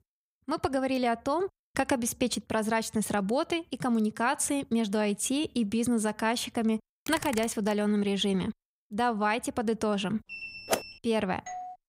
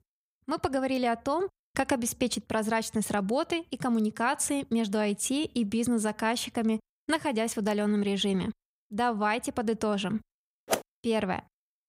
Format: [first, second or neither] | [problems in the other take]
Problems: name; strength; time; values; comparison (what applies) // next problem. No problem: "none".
second | keyboard typing; noticeable; at 7 s; peak 8 dB below the speech // alarm; noticeable; at 10 s; peak 10 dB below the speech // doorbell; faint; at 11 s; peak 10 dB below the speech